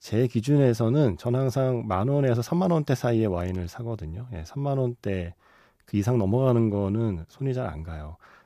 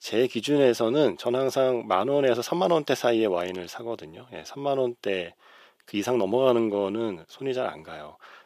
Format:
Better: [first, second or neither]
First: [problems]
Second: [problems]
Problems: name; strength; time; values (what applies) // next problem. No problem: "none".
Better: first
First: none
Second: thin; somewhat; fading below 400 Hz